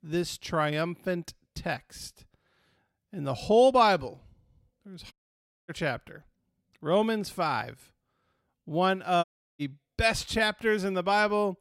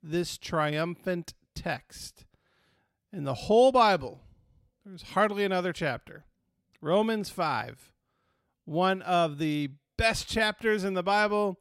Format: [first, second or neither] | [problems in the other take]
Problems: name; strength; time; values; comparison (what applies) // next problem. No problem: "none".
second | audio cutting out; at 5 s for 0.5 s and at 9 s